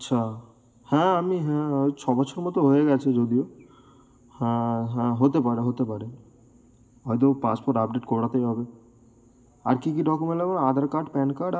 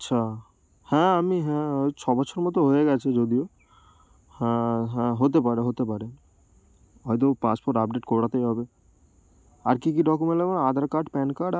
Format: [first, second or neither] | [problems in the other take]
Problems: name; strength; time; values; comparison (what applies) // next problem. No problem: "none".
second | room echo; dies away in 1.2 s